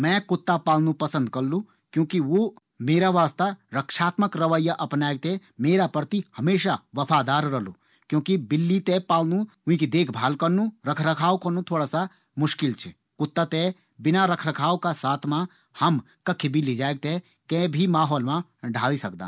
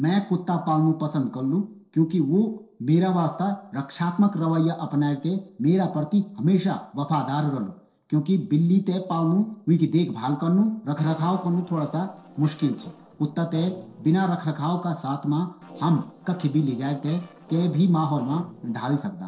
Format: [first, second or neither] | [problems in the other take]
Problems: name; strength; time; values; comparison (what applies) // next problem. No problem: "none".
first | noise reduction (neural separator model SepFormer DNS4)